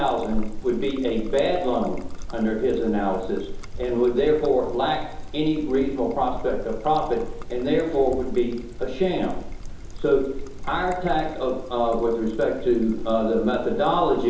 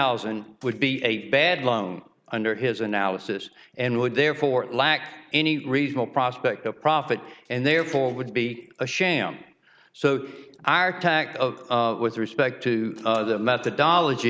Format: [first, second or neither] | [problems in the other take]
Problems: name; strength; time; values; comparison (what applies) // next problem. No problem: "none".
second | background sound (Trickle, dribble); 7 dB below the speech // room echo; dies away in 2.8 s